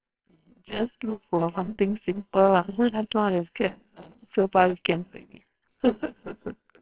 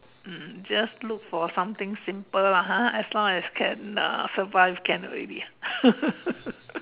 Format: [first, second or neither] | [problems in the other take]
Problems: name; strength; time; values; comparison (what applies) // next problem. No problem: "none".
second | noise reduction (neural separator model SepFormer WHAMR!)